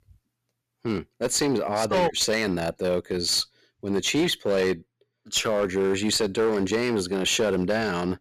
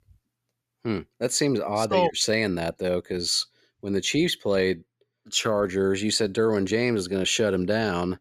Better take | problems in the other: second | distortion; slight; 8% of the sound clipped

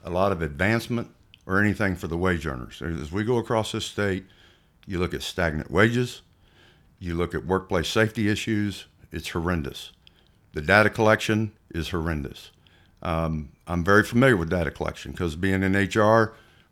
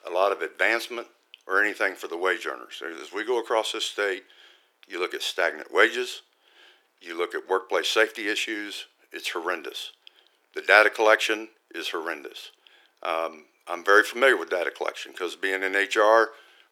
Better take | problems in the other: first | thin; very; fading below 350 Hz

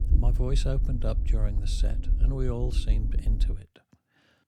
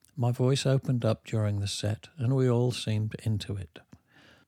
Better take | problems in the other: second | low rumble; loud; until 3.5 s; 10 dB below the speech

